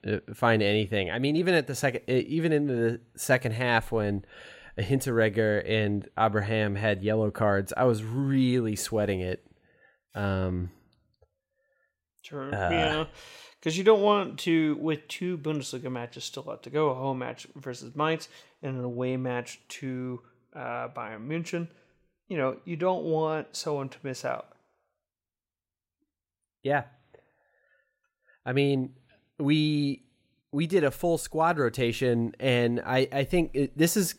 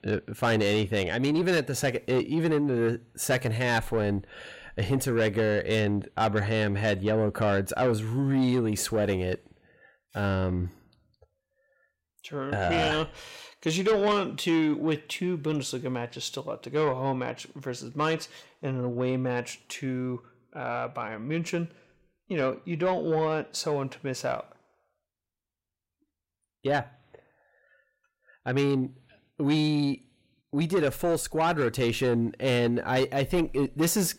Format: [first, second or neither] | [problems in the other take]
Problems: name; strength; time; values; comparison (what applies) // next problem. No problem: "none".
first | distortion; slight; 10 dB below the speech